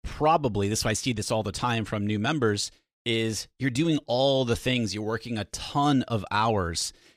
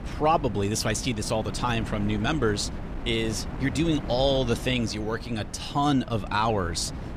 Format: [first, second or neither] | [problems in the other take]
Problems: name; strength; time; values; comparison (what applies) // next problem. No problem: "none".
first | wind noise on the microphone; occasional gusts; 15 dB below the speech